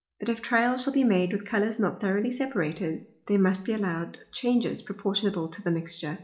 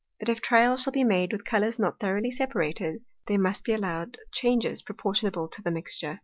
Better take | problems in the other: second | room echo; dies away in 0.4 s

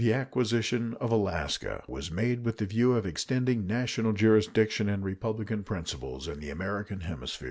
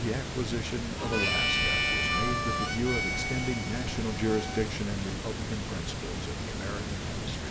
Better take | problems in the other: first | background sound (Water + Harmonica); 3 dB above the speech

